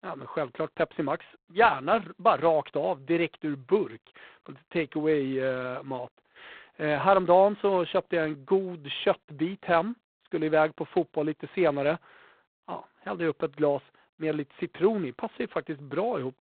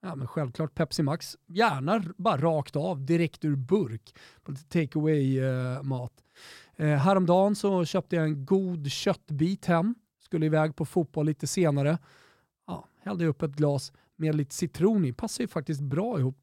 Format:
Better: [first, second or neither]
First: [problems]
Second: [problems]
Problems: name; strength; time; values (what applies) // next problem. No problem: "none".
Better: second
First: phone-call audio; poor line; nothing above 4 kHz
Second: none